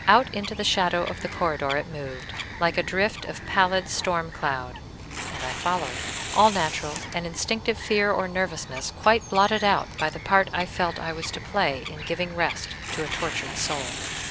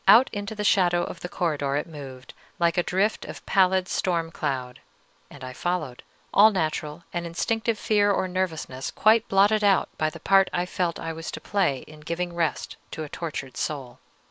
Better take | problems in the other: second | background sound (Bird vocalization, bird call, bird song + Tearing); 10 dB below the speech

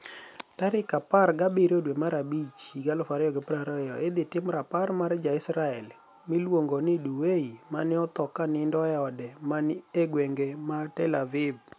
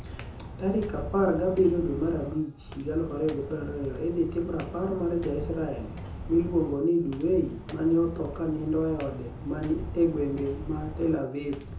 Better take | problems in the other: first | background sound (Walk, footsteps); 10 dB below the speech // room echo; dies away in 0.6 s

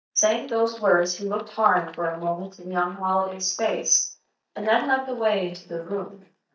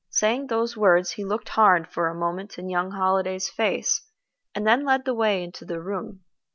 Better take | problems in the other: second | noise reduction (neural mask model DeepFilterNet 3)

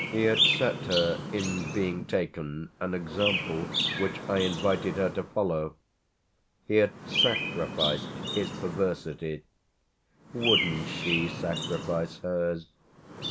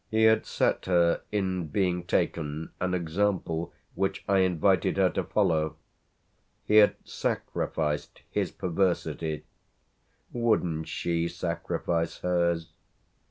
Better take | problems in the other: second | background sound (Chirp, tweet); 3 dB below the speech

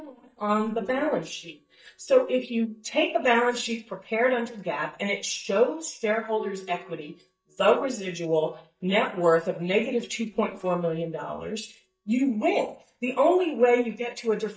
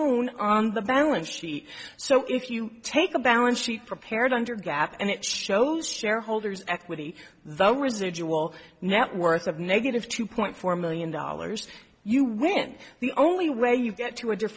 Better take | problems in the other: second | noise reduction (neural mask model DeepFilterNet 3)

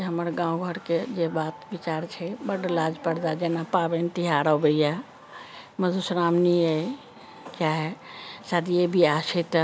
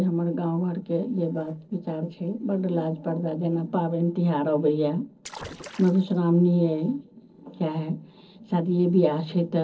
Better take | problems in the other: first | noise reduction (neural separator model SepFormer DNS4)

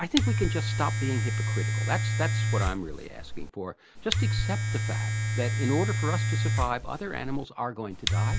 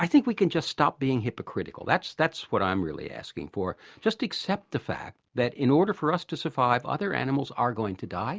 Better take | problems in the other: second | background sound (Domestic sounds, home sounds); 5 dB above the speech

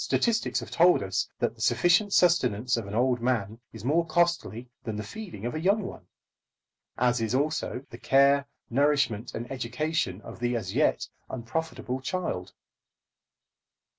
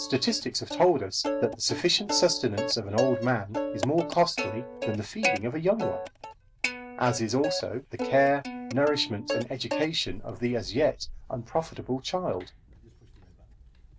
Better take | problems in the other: first | background sound (Plucked string instrument); 6 dB below the speech

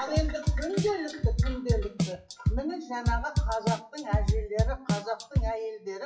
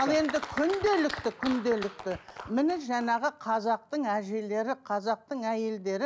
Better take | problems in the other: second | noise reduction (classical method WPE with log-MMSE)

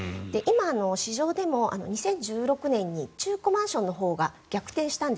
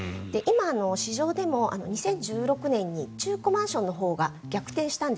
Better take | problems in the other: first | background sound (Bass guitar); 15 dB below the speech

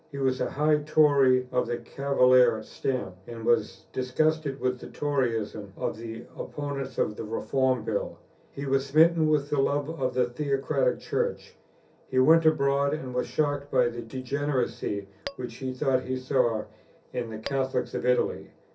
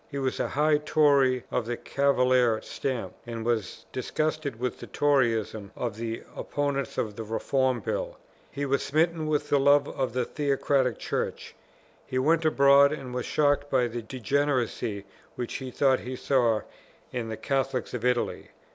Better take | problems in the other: second | background sound (Tap / Glass); 12 dB below the speech // room echo; dies away in 0.3 s

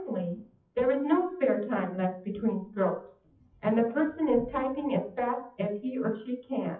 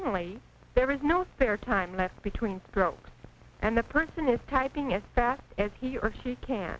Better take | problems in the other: second | noise reduction (classical method WPE with log-MMSE)

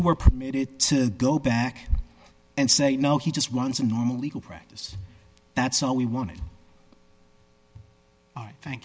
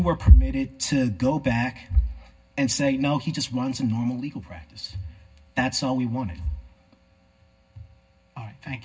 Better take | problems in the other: first | room echo; dies away in 0.4 s

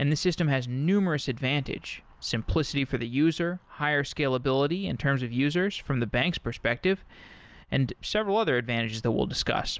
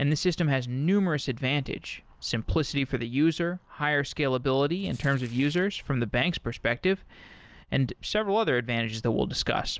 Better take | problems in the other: first | noise reduction (neural separator model SepFormer DNS4)

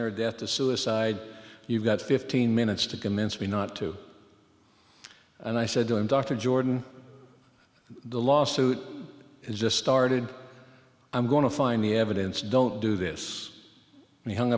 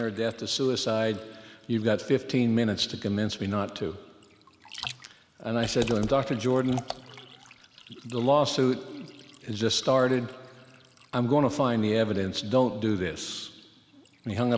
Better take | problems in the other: first | background sound (Liquid); 19 dB below the speech

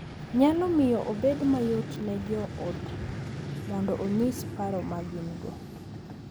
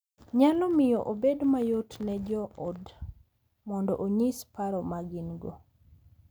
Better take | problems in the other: second | background sound (Vehicle); 8 dB below the speech

